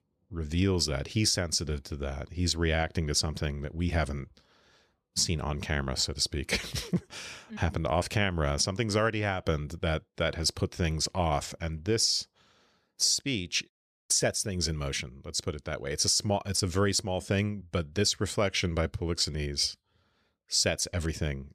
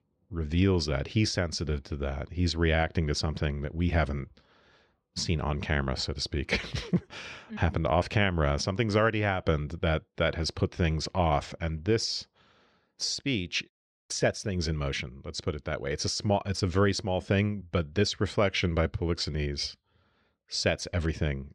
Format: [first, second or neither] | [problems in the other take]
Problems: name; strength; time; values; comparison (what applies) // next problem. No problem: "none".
first | muffled; very slightly; fading above 3.5 kHz